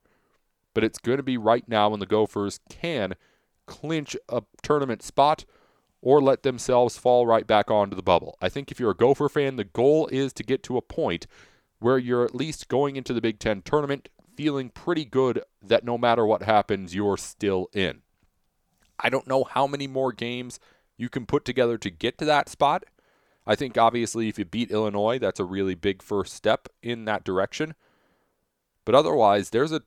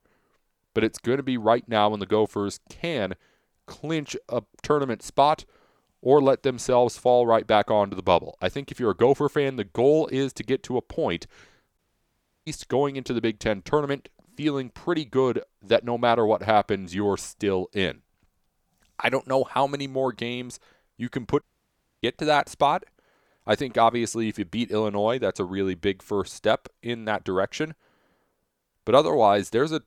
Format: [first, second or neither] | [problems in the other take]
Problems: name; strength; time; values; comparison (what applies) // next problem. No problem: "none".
first | audio cutting out; at 12 s for 0.5 s and at 21 s for 0.5 s